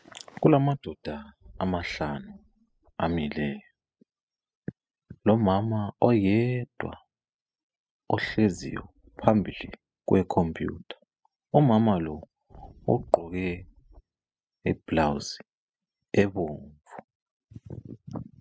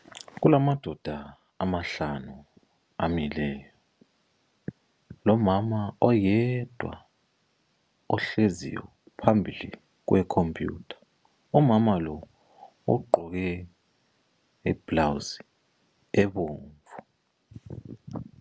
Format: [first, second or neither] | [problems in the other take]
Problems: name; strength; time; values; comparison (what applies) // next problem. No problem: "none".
second | noise reduction (classical method spectral subtraction)